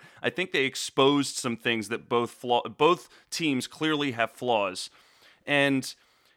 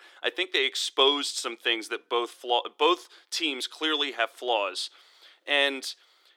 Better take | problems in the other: first | thin; somewhat; fading below 350 Hz

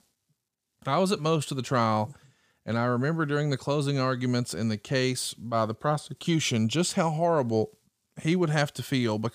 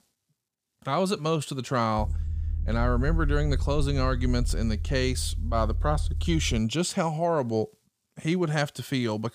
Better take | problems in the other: first | low rumble; faint; from 2 to 6.5 s; 20 dB below the speech

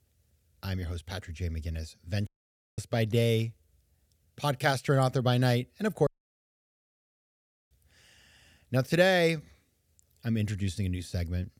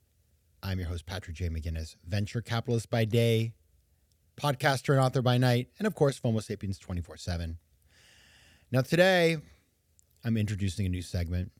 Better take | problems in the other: second | audio cutting out; at 2.5 s for 0.5 s and at 6 s for 1.5 s

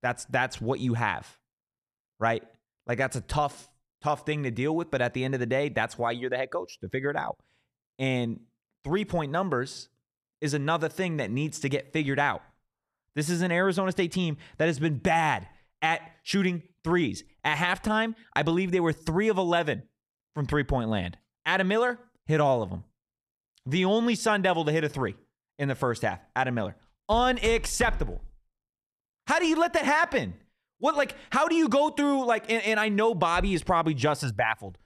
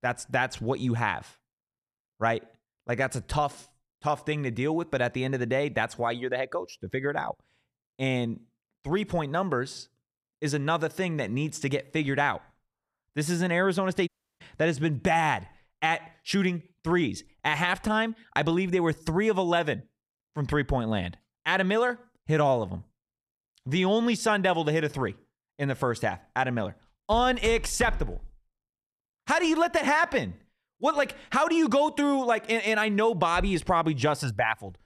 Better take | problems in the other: first | audio cutting out; at 14 s

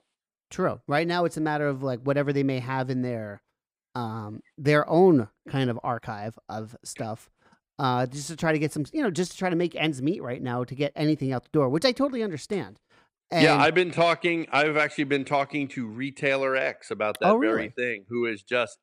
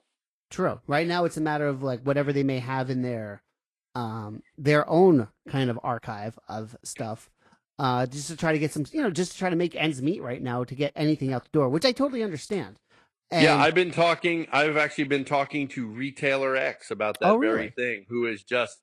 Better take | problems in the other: first | garbled, watery; slightly

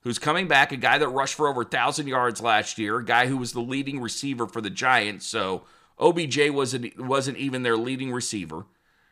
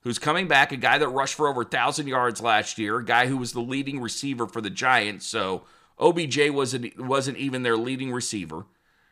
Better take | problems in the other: neither | none

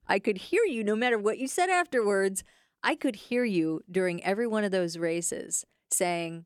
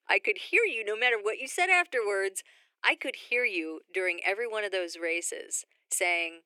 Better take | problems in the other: first | thin; very; fading below 350 Hz

